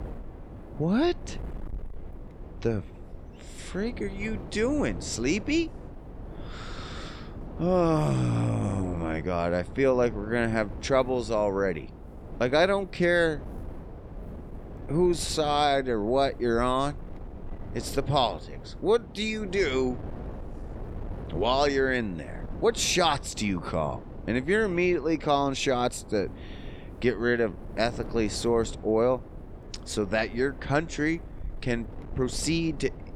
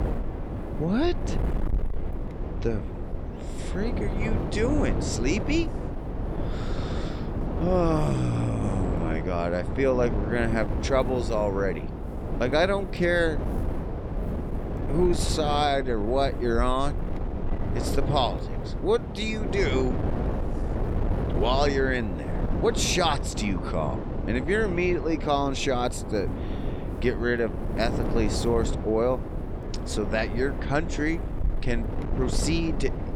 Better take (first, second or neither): first